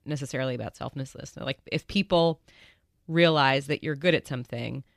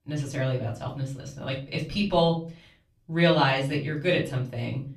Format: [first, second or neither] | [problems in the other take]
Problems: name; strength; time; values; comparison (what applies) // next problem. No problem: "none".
first | off-mic speech; far // room echo; slight; dies away in 0.3 s